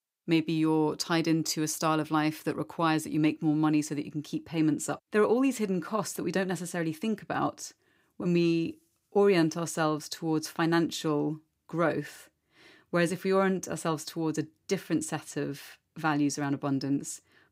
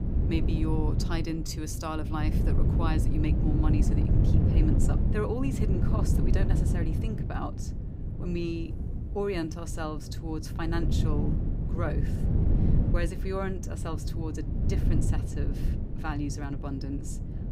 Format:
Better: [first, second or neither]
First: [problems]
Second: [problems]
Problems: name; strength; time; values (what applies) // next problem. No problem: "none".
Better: first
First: none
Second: wind noise on the microphone; heavy; 3 dB below the speech